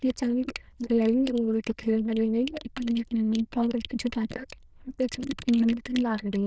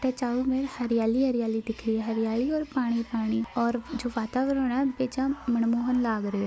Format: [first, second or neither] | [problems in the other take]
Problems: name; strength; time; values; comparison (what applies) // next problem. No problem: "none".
second | noise reduction (neural diffusion model UNIVERSE++)